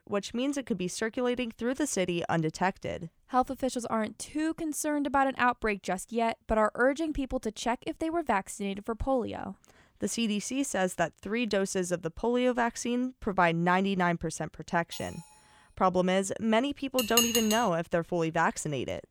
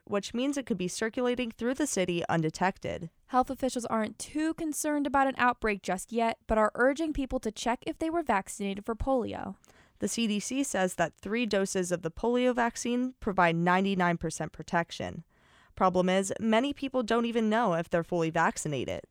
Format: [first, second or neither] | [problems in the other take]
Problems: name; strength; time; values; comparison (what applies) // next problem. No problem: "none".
second | clattering dishes; faint; at 15 s; peak 15 dB below the speech // clattering dishes; loud; at 17 s; peak 5 dB above the speech